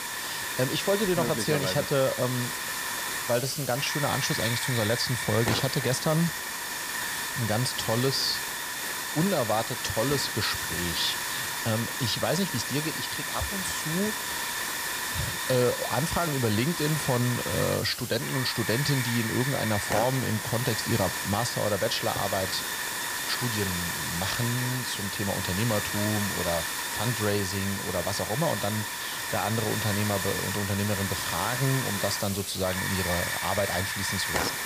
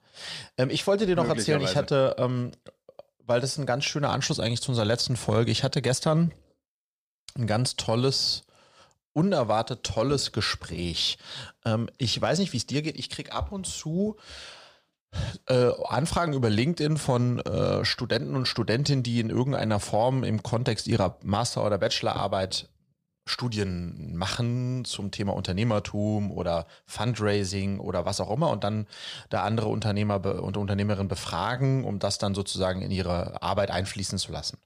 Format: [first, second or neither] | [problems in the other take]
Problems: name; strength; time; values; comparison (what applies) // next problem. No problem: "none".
second | hiss; loud; throughout; 1 dB below the speech